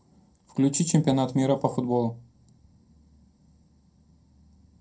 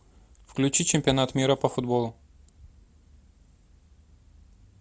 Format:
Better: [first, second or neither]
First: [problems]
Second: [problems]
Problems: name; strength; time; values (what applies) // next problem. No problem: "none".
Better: second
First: room echo; dies away in 0.2 s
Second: none